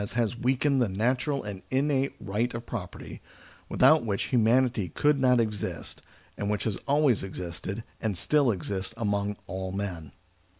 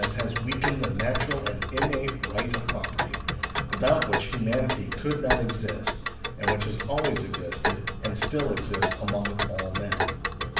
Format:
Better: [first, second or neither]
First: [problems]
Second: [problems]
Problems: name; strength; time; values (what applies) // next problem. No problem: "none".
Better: first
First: none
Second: background sound (Tick); as loud as the speech // room echo; dies away in 0.7 s